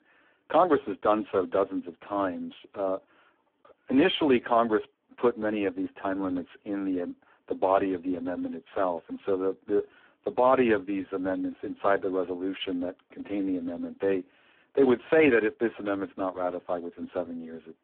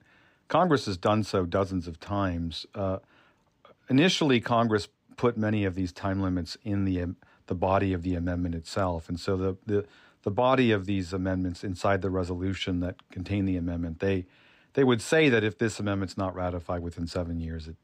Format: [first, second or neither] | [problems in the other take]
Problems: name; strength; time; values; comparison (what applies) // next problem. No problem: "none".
second | phone-call audio; poor line